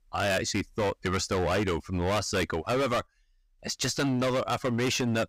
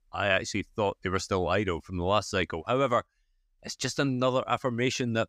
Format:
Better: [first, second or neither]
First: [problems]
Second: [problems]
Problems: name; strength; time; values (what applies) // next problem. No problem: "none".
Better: second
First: distortion; heavy; 20% of the sound clipped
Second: none